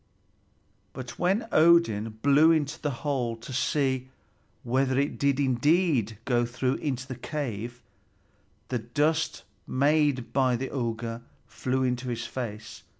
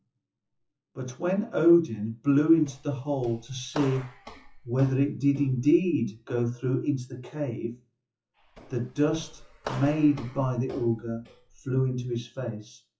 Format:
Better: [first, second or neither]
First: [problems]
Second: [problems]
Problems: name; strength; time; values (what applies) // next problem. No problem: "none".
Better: first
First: none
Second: noise reduction (classical method WPE with log-MMSE)